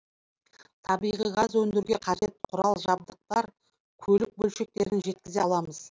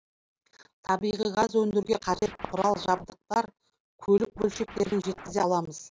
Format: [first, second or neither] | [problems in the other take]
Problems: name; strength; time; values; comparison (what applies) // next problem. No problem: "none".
first | background sound (Scratching (performance technique)); 16 dB below the speech